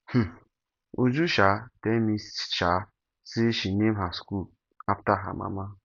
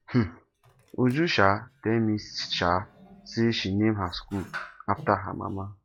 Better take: first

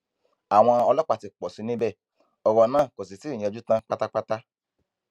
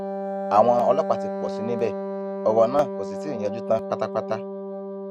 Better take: first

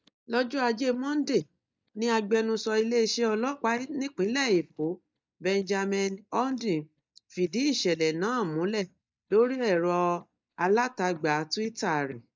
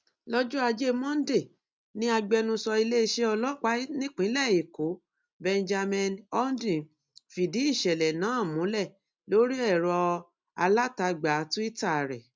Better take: second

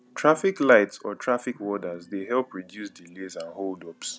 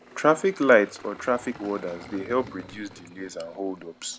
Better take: first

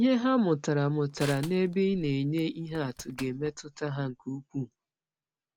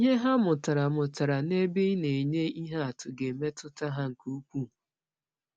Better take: second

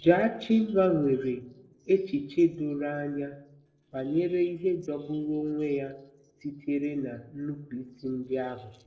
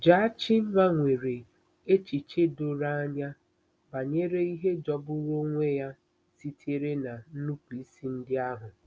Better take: second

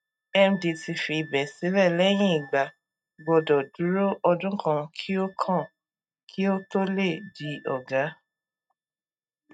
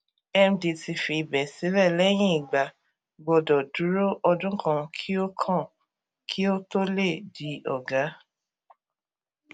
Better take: second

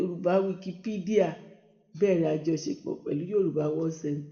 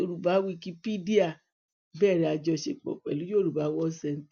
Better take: second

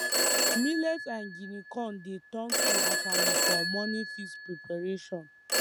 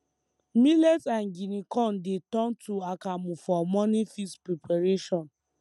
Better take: second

